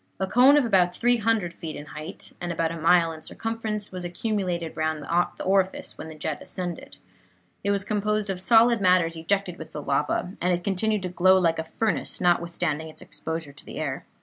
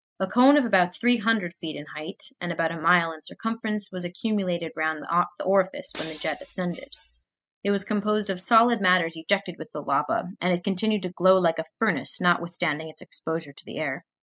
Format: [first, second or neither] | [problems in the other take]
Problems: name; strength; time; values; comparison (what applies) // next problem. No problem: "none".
first | noise reduction (classical method spectral subtraction)